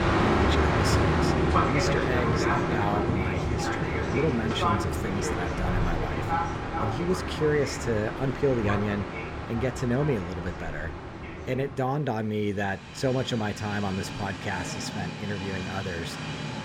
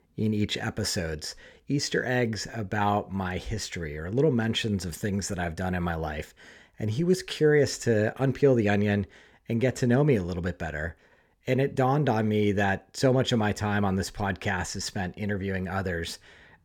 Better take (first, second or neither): second